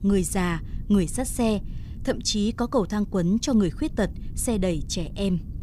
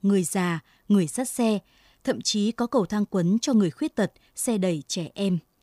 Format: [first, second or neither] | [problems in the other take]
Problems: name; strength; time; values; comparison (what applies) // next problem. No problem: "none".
second | low rumble; faint; throughout; 20 dB below the speech